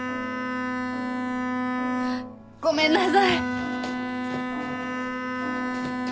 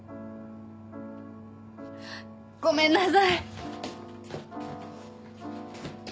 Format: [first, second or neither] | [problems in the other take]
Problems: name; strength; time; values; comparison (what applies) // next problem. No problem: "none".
second | background sound (Bowed string instrument); as loud as the speech